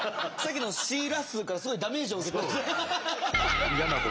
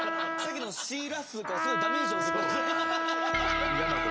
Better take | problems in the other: first | background sound (Trumpet); 3 dB above the speech

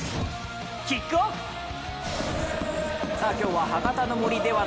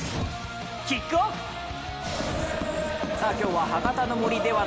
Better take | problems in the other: second | background sound (Engine / Car); 19 dB below the speech

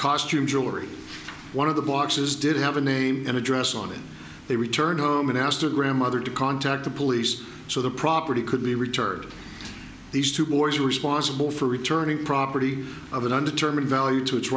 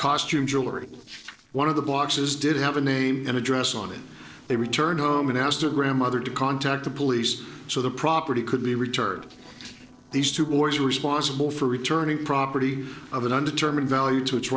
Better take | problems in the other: first | noise reduction (neural separator model SepFormer DNS4)

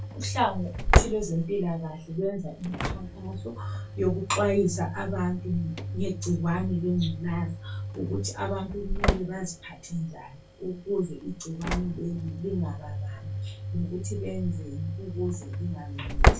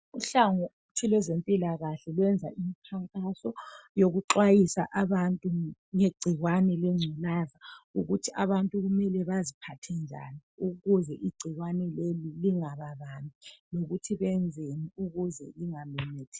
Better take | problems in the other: second | background sound (Slam / Engine); as loud as the speech // room echo; dies away in 0.2 s

